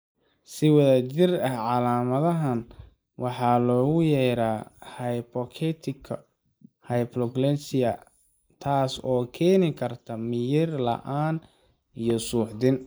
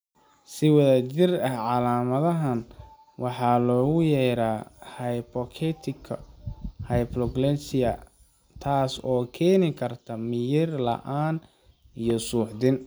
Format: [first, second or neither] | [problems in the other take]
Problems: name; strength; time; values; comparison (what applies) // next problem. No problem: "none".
second | noise reduction (neural mask model Resemble Enhance denoiser)